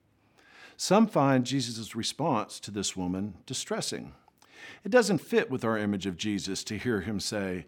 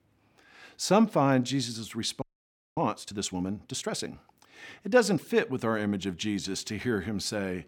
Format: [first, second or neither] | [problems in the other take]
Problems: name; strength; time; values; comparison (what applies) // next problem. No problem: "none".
first | audio freezing; at 2 s for 0.5 s